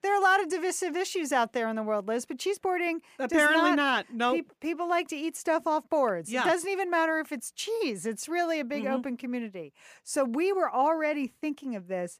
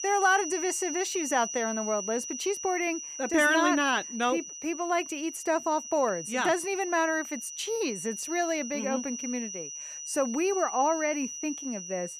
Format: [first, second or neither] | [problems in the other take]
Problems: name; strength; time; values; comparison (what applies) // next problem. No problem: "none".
first | high-pitched whine; loud; throughout; 6 kHz, 7 dB below the speech